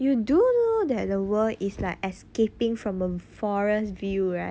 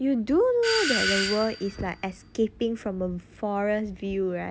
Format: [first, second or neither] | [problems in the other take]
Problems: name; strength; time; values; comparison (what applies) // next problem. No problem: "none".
first | background sound (Doorbell); 3 dB below the speech